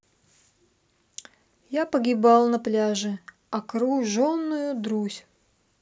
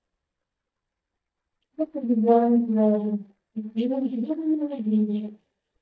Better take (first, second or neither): first